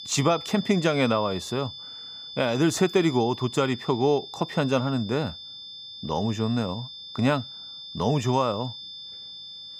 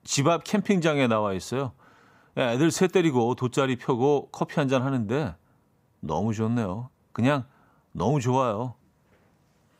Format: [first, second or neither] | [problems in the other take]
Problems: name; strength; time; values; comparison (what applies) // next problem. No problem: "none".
second | high-pitched whine; noticeable; throughout; 3.5 kHz, 10 dB below the speech